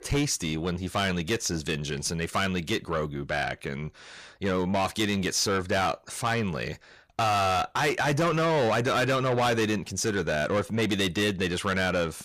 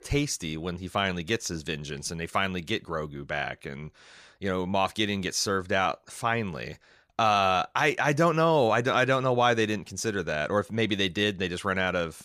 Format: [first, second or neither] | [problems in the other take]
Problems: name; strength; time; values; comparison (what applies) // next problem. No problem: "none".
second | distortion; heavy; 7 dB below the speech